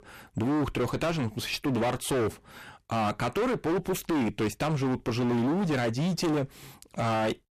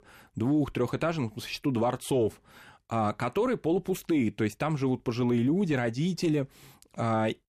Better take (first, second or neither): second